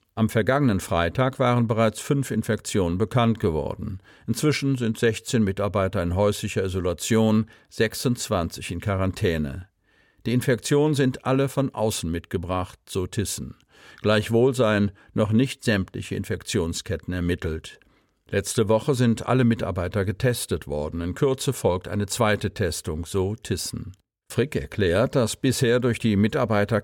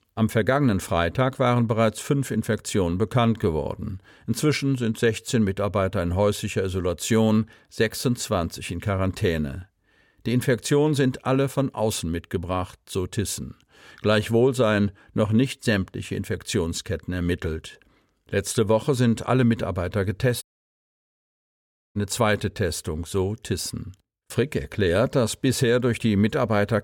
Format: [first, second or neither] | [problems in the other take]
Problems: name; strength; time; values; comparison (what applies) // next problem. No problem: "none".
first | audio cutting out; at 20 s for 1.5 s